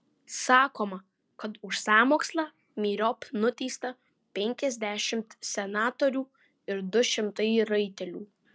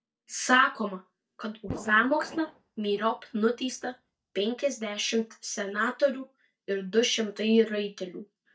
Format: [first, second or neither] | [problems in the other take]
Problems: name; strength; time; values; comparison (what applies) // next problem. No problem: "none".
first | noise reduction (neural mask model DeepFilterNet 3)